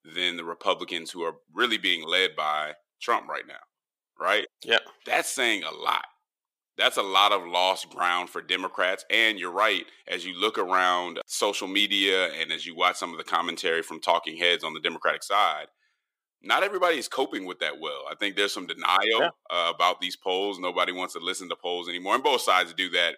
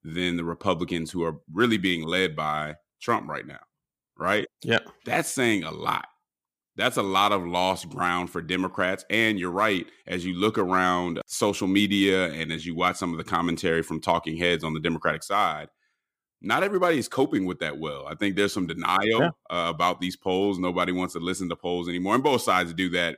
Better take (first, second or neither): second